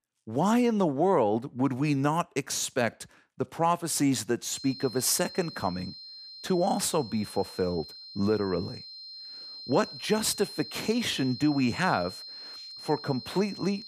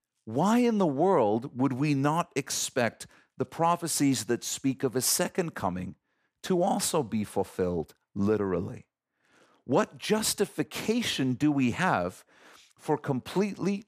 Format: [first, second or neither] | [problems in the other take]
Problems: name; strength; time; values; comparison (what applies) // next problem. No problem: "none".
second | high-pitched whine; noticeable; from 4.5 s on; 4 kHz, 15 dB below the speech